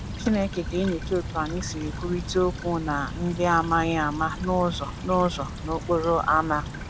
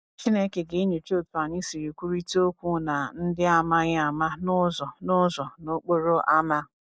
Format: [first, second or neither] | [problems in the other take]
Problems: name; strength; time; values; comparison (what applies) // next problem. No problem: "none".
second | background sound (Stream / Trickle, dribble); 8 dB below the speech